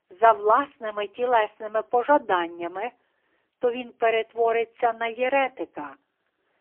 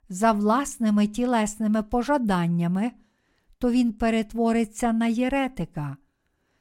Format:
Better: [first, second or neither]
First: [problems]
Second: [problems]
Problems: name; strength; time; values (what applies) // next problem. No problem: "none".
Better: second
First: phone-call audio; poor line; nothing above 3 kHz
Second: none